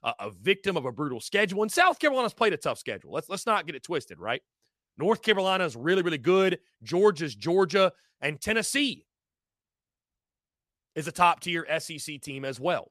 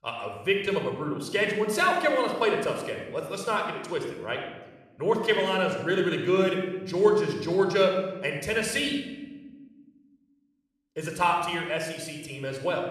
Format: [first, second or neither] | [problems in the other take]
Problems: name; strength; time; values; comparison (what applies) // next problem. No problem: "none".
first | room echo; noticeable; dies away in 1 s